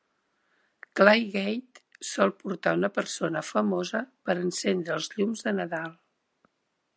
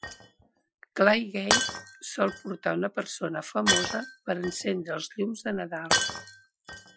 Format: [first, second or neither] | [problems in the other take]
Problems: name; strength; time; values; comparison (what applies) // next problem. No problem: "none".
first | noise reduction (classical method Wiener filter)